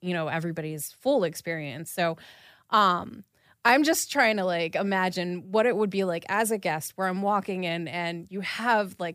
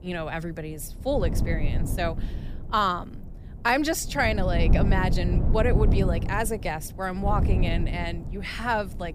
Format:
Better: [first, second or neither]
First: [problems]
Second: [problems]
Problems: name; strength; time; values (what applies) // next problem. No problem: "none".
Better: first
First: none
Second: wind noise on the microphone; occasional gusts; 10 dB below the speech